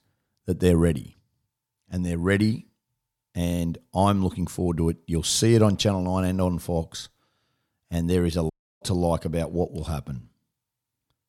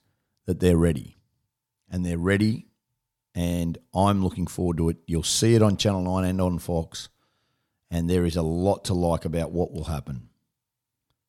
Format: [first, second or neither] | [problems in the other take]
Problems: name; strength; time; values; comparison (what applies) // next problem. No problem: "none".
second | audio cutting out; at 8.5 s